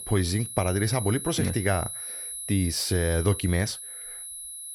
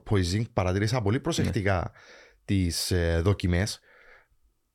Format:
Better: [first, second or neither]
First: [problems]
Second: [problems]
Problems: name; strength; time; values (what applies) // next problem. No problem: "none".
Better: second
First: high-pitched whine; loud; throughout; 10.5 kHz, 7 dB below the speech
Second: none